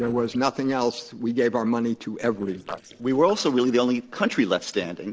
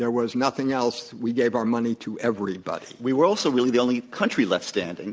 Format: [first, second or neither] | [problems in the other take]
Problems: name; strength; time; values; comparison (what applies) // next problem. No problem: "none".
second | noise reduction (neural separator model SepFormer DNS4)